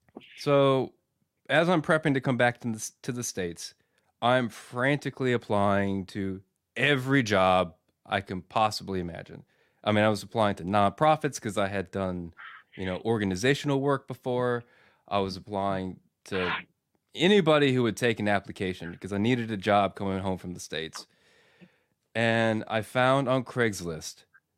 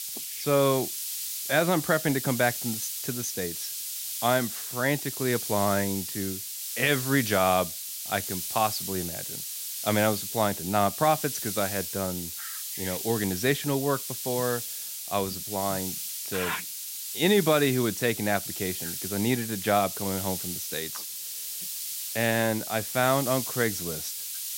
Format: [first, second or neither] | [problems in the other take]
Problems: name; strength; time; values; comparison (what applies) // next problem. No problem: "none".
first | hiss; loud; throughout; 4 dB below the speech